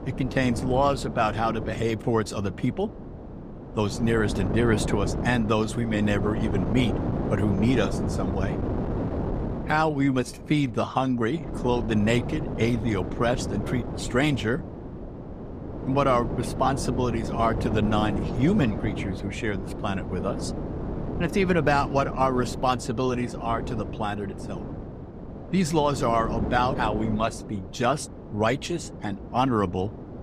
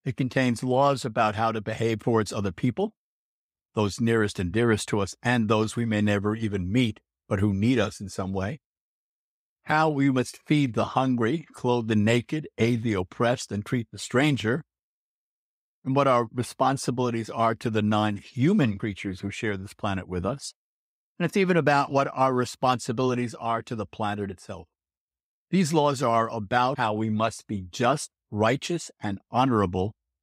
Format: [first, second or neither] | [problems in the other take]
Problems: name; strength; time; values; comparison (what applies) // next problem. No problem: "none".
second | wind noise on the microphone; heavy; 10 dB below the speech